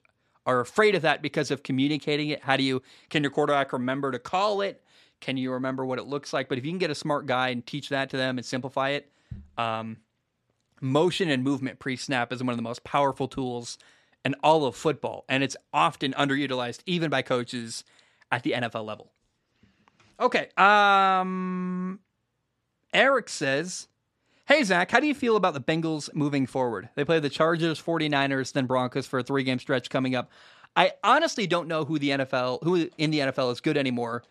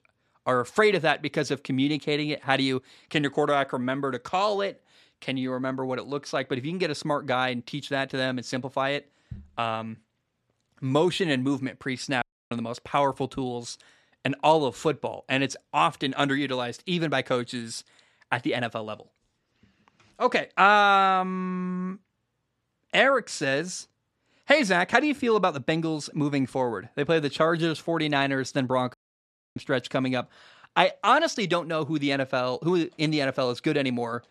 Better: first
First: none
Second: audio cutting out; at 12 s and at 29 s for 0.5 s

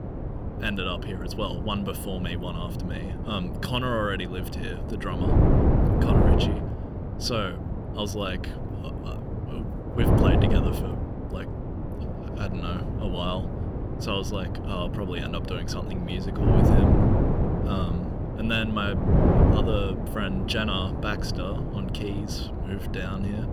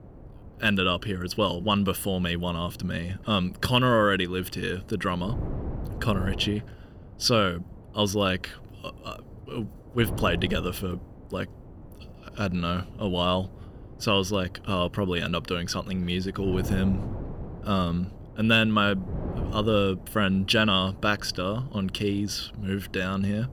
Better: second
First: wind noise on the microphone; heavy; 1 dB below the speech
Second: wind noise on the microphone; occasional gusts; 20 dB below the speech

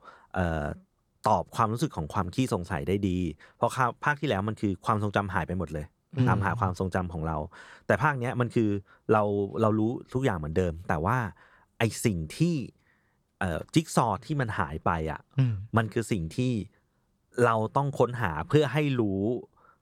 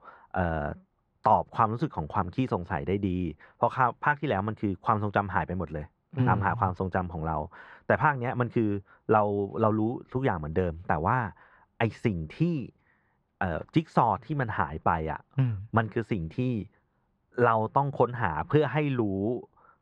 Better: first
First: none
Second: muffled; very; fading above 2 kHz

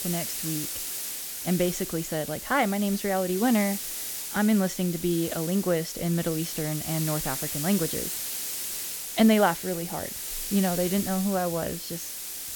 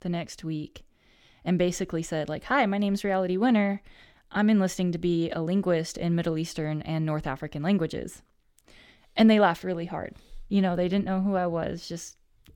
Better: second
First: hiss; loud; throughout; 5 dB below the speech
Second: none

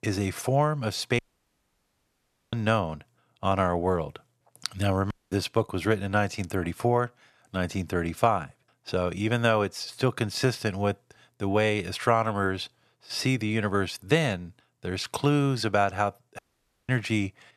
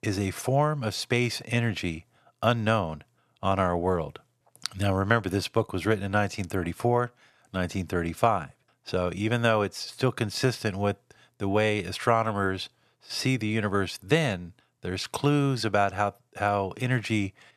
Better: second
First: audio cutting out; at 1 s for 1.5 s, at 5 s and at 16 s for 0.5 s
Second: none

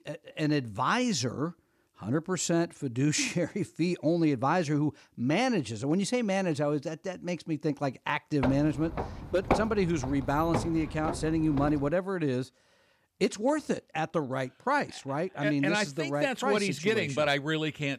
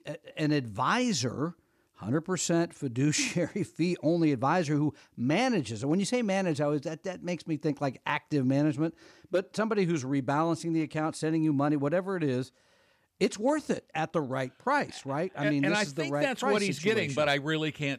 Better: second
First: footsteps; noticeable; from 8.5 to 12 s; peak 1 dB below the speech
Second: none

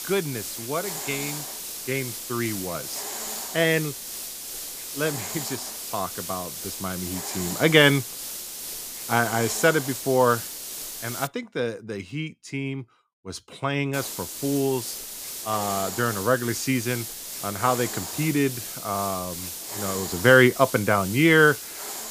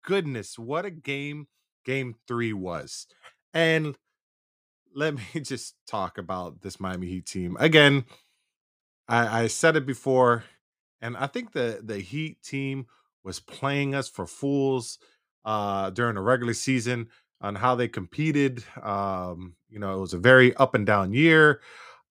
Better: second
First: hiss; loud; until 11 s and from 14 s on; 7 dB below the speech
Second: none

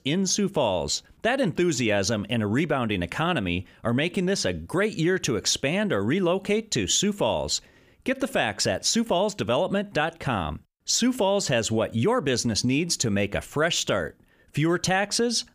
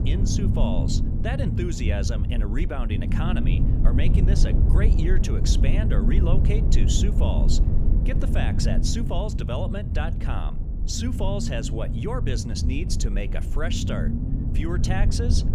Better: first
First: none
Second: low rumble; loud; throughout; 4 dB below the speech

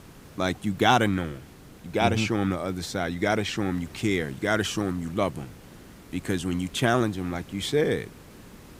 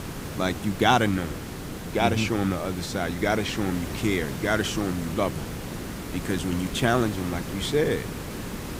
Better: first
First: hiss; faint; throughout; 20 dB below the speech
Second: hiss; loud; throughout; 8 dB below the speech

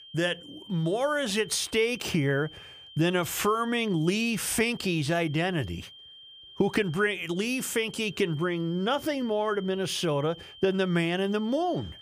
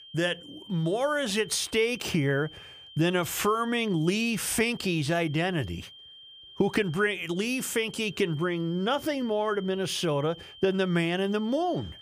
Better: neither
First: high-pitched whine; noticeable; throughout; 3 kHz, 20 dB below the speech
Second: high-pitched whine; noticeable; throughout; 3 kHz, 20 dB below the speech

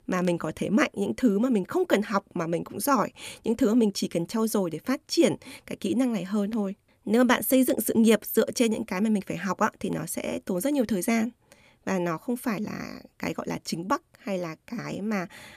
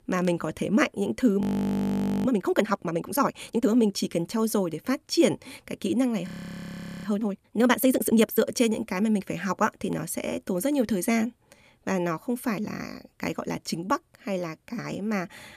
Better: first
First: none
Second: audio freezing; at 1.5 s for 1 s and at 6.5 s for 1 s

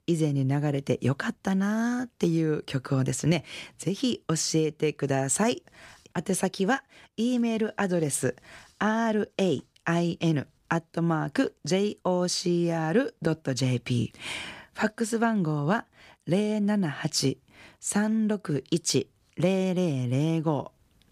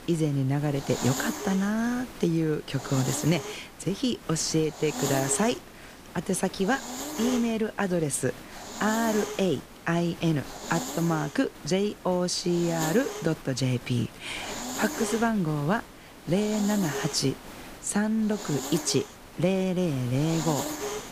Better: first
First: none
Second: hiss; loud; throughout; 9 dB below the speech

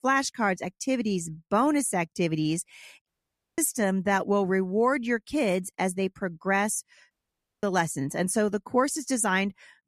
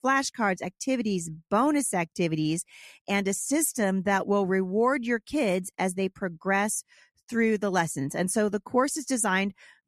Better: second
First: audio cutting out; at 3 s for 0.5 s and at 7 s for 0.5 s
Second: none

